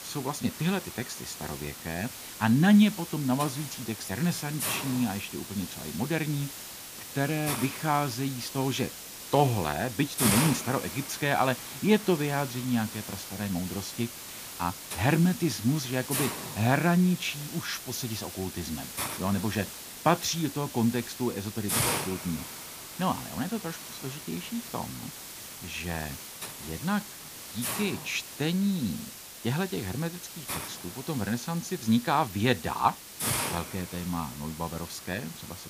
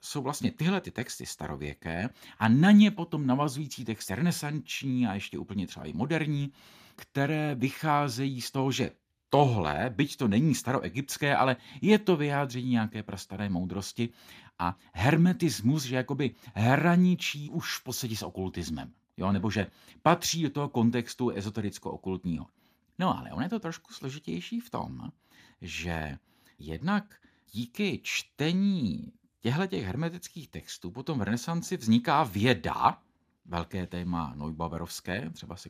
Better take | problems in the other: second | hiss; loud; throughout; 7 dB below the speech

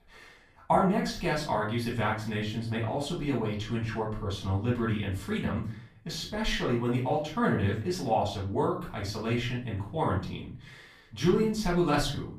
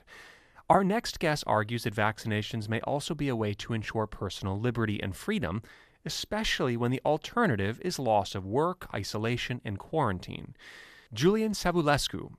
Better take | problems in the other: second | off-mic speech; far // room echo; slight; dies away in 0.4 s

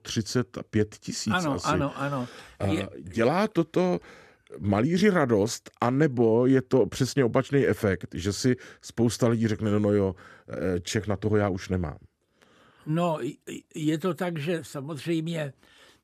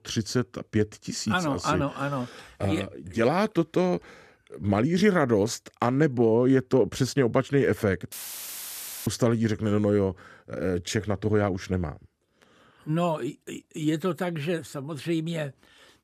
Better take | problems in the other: first | audio cutting out; filled with static; at 8 s for 1 s

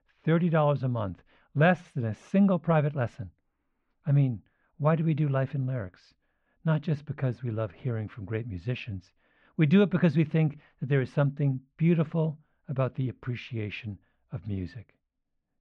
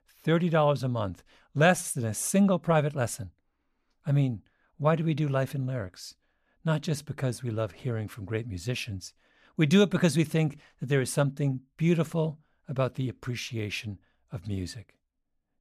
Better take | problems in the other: second | muffled; very; fading above 3 kHz

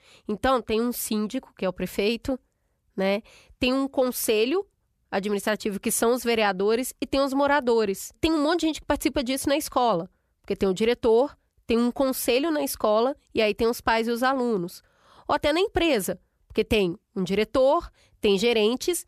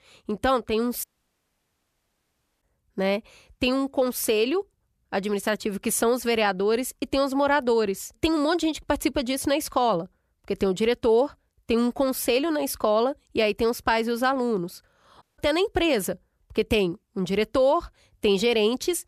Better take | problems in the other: first | audio cutting out; at 1 s for 1.5 s and at 15 s

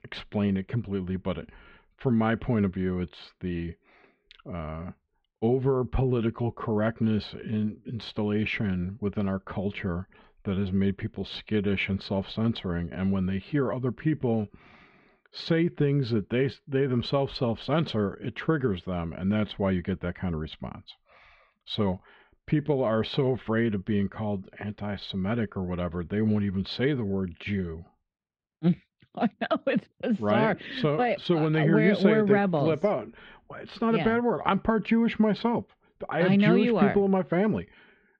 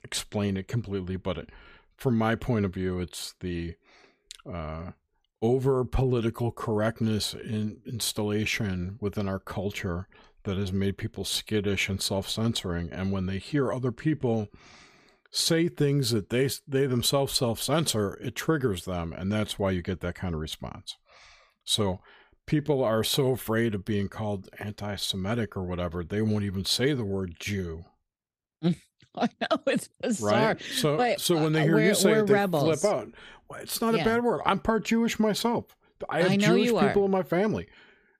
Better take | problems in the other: second | muffled; slightly; fading above 3 kHz

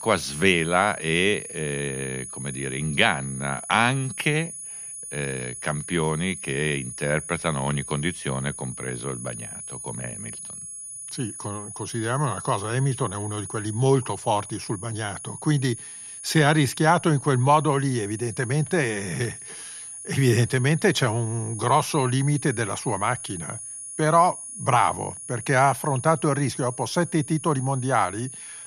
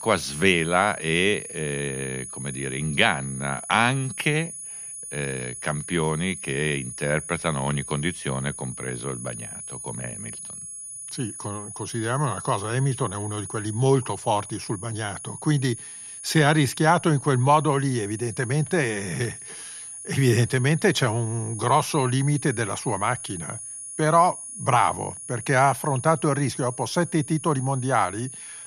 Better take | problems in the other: neither | high-pitched whine; noticeable; throughout; 10 kHz, 10 dB below the speech; the same in both

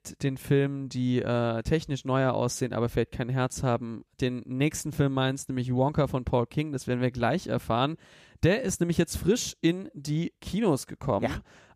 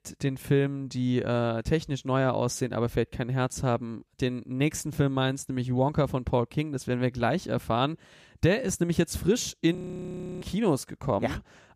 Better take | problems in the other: first | audio freezing; at 10 s for 0.5 s

